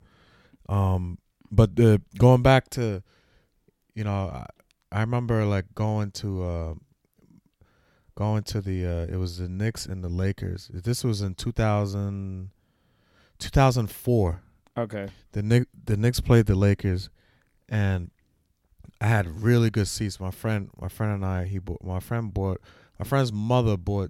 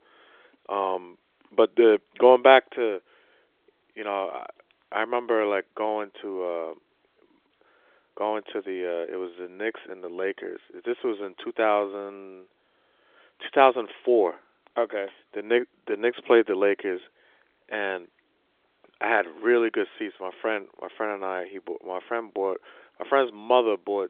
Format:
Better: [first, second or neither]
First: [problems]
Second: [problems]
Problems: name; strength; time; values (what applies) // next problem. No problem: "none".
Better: first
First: none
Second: phone-call audio; nothing above 3.5 kHz